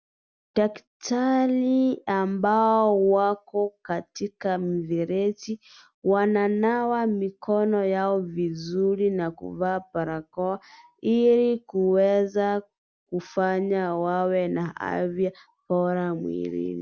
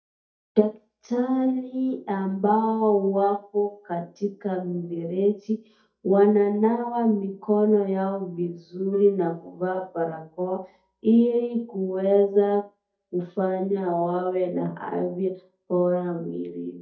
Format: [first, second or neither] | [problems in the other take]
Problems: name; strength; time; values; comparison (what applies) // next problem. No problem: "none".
first | noise reduction (neural mask model DeepFilterNet 3)